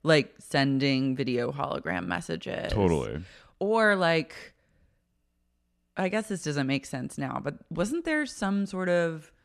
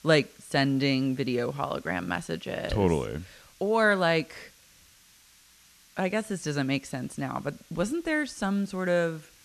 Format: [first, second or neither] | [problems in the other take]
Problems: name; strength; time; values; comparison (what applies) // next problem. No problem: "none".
first | hiss; faint; throughout; 25 dB below the speech